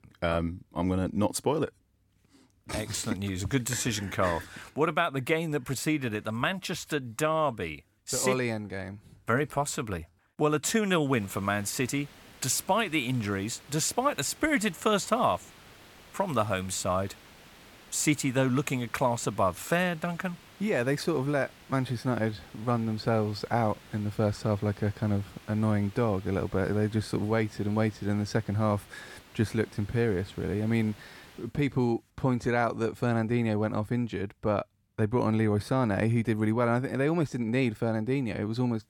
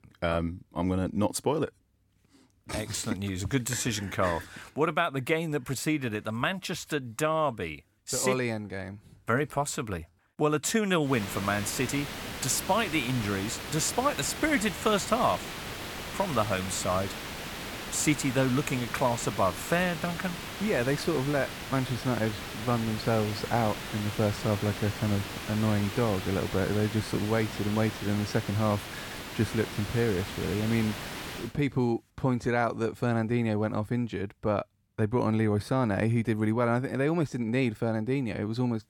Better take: first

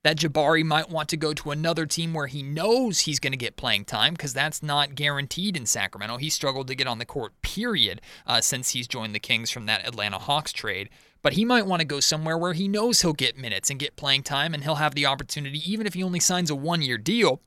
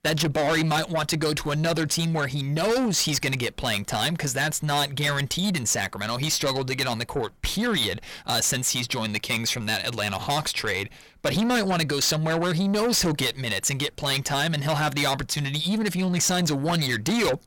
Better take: first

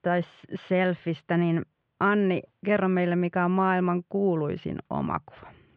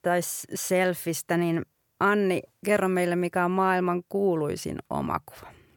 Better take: second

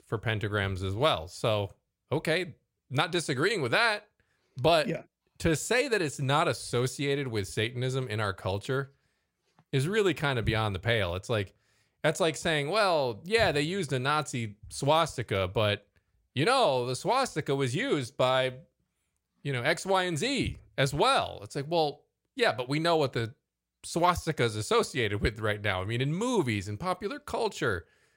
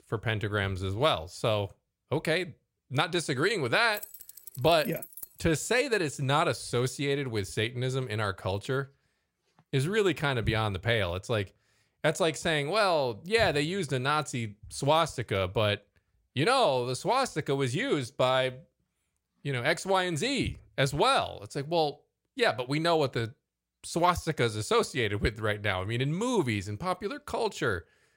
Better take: first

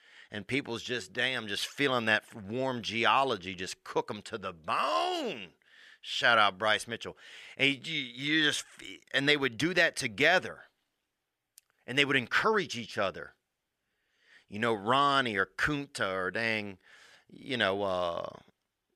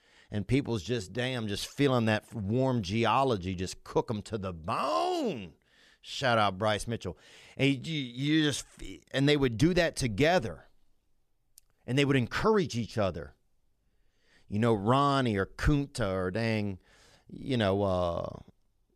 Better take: second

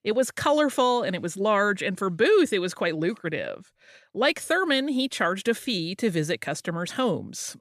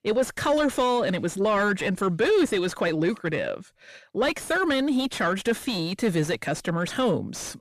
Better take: first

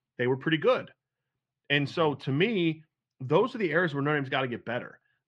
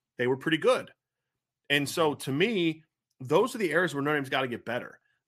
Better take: second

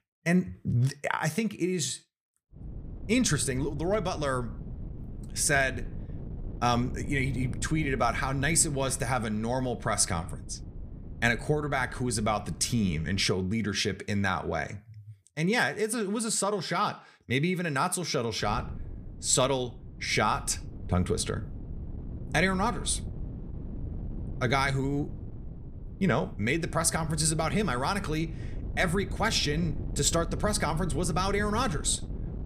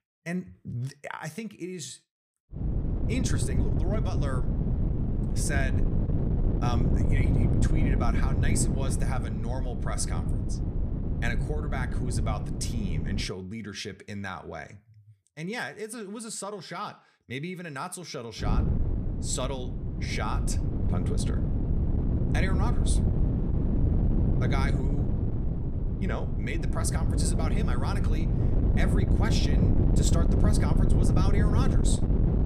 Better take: first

